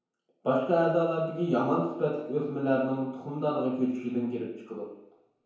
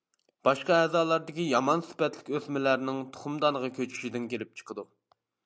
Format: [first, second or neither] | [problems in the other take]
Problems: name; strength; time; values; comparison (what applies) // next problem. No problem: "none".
second | room echo; dies away in 0.9 s